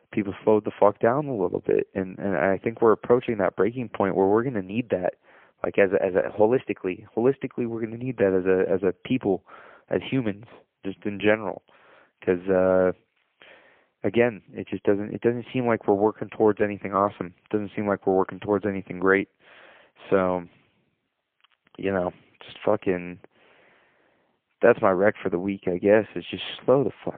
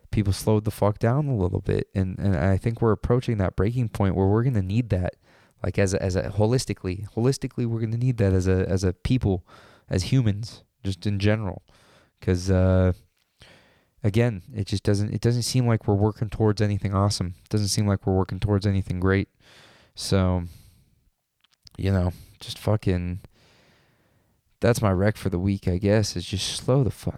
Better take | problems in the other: second | phone-call audio; poor line; nothing above 3.5 kHz

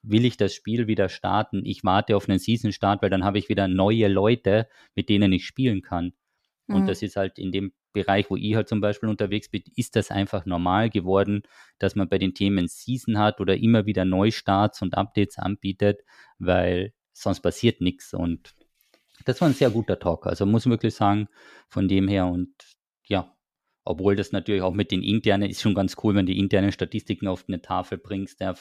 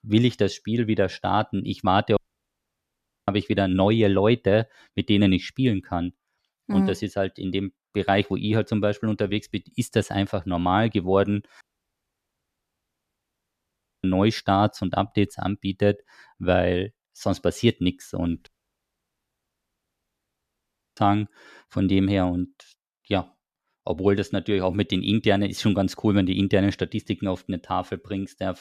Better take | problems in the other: first | audio cutting out; at 2 s for 1 s, at 12 s for 2.5 s and at 18 s for 2.5 s

